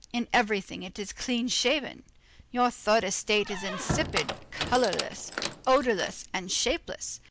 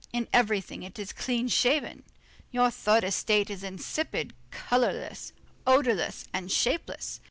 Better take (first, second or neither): second